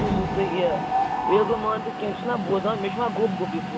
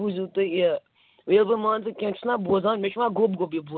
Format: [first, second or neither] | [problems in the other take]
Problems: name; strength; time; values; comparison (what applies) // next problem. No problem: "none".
second | background sound (Mechanisms); 1 dB below the speech